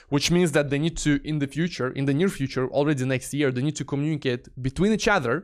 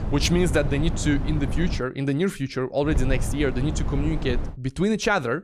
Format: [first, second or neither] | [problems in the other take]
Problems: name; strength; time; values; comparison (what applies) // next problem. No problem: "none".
first | wind noise on the microphone; occasional gusts; until 2 s and from 3 to 4.5 s; 10 dB below the speech